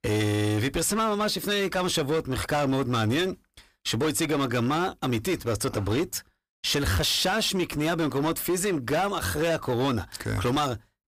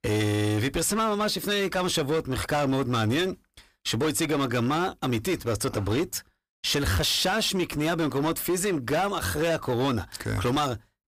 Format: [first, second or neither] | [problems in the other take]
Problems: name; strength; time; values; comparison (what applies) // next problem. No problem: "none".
neither | distortion; slight; 16% of the sound clipped; the same in both